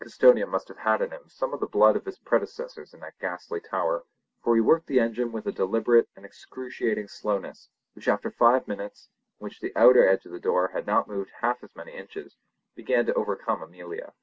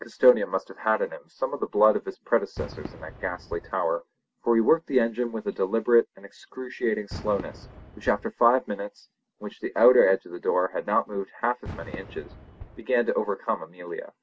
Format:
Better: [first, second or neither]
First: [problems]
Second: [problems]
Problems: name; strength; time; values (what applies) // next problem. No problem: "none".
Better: first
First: none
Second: background sound (Fireworks); 19 dB below the speech